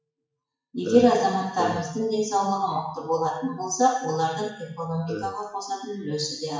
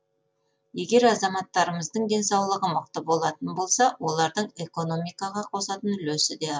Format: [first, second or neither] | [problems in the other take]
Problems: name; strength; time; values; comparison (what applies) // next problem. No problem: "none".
second | noise reduction (classical method WPE with log-MMSE)